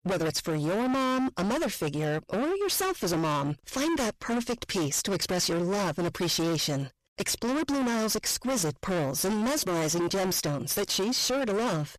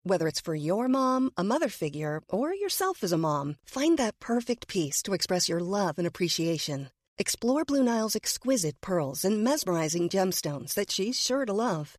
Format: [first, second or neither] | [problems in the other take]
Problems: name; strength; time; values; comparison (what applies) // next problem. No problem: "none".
second | distortion; heavy; 36% of the sound clipped